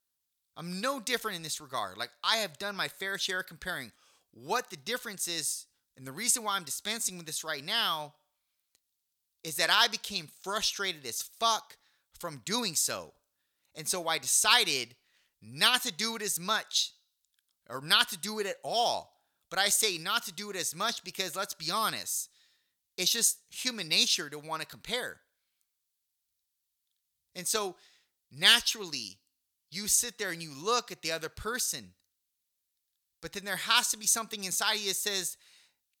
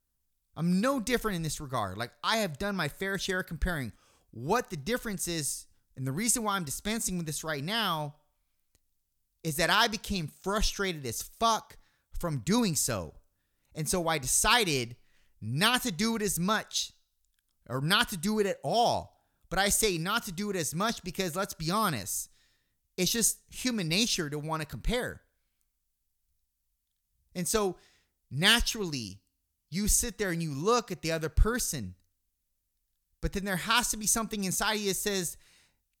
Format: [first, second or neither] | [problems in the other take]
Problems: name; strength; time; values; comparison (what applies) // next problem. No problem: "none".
second | thin; somewhat; fading below 700 Hz